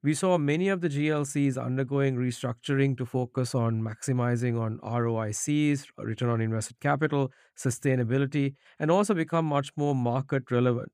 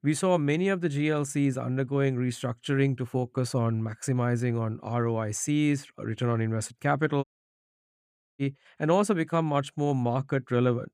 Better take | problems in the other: first | audio cutting out; at 7 s for 1 s

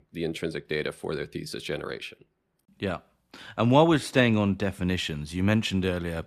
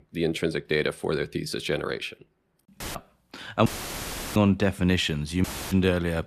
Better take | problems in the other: first | audio cutting out; filled with static; at 3 s, at 3.5 s for 0.5 s and at 5.5 s

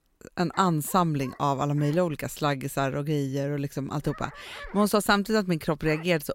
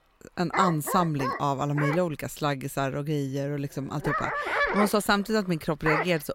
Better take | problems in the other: first | animal sounds; loud; throughout; 2 dB below the speech; faint in the first

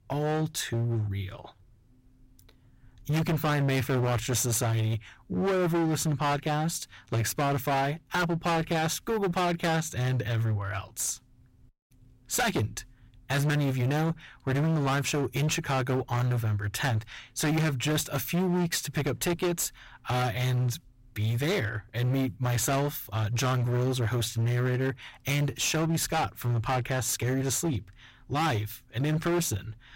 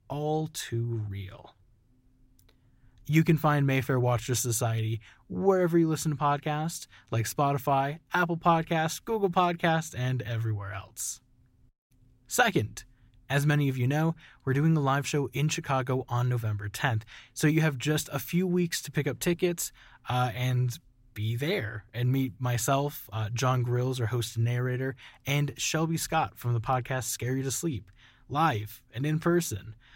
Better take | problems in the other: second | distortion; heavy; 22% of the sound clipped

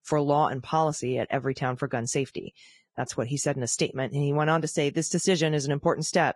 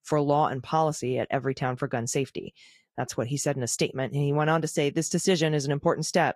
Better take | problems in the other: second | garbled, watery; badly; nothing above 10.5 kHz; slightly in the second

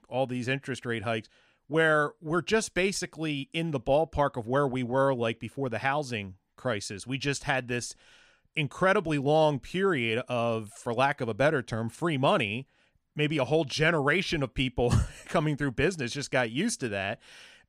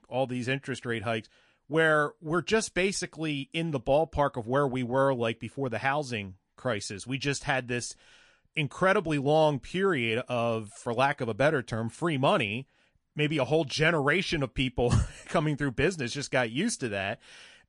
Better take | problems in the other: first | garbled, watery; slightly; nothing above 10 kHz

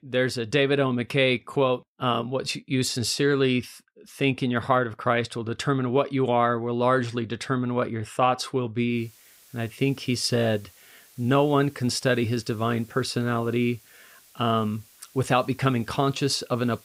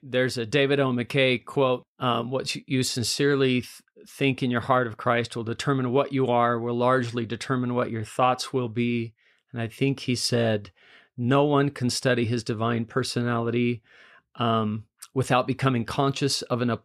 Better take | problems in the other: second | hiss; faint; from 9 s on; 25 dB below the speech

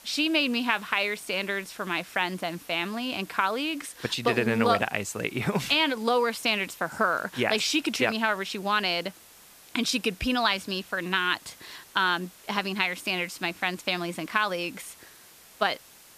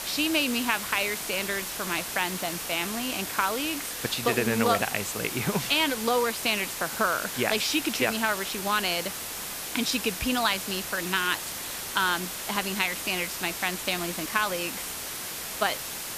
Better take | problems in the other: first | hiss; loud; throughout; 5 dB below the speech; faint in the first

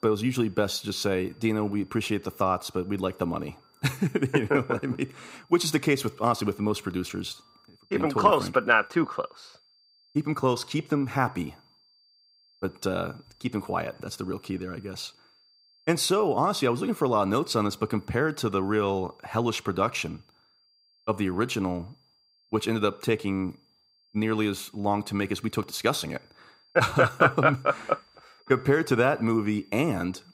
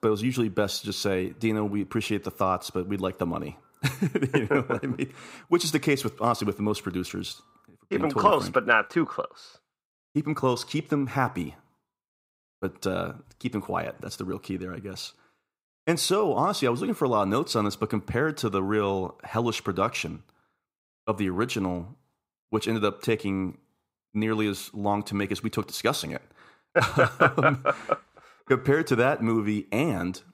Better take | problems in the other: second | high-pitched whine; faint; throughout; 4.5 kHz, 35 dB below the speech

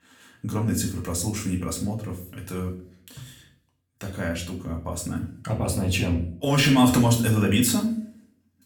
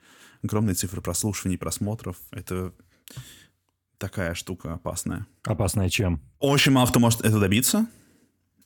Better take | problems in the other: second | room echo; slight; dies away in 0.4 s // off-mic speech; somewhat distant

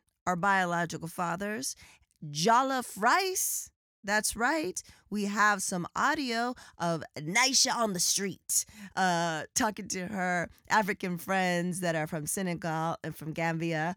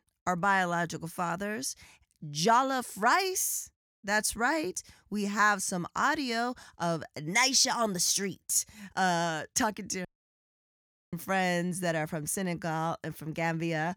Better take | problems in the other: first | audio cutting out; at 10 s for 1 s

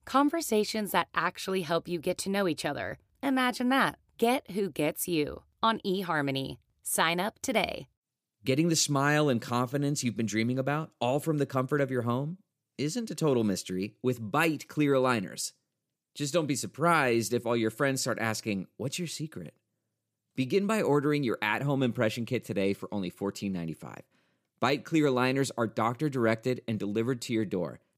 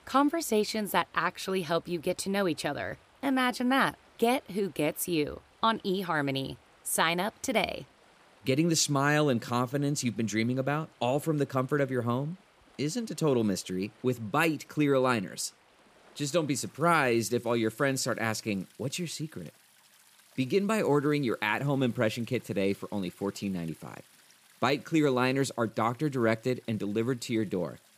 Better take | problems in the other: first | rain or running water; faint; throughout; 30 dB below the speech

